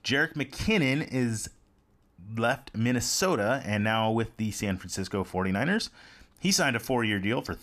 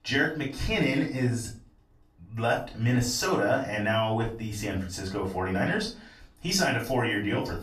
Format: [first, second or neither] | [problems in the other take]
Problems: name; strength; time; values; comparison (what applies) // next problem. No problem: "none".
first | off-mic speech; far // room echo; slight; dies away in 0.3 s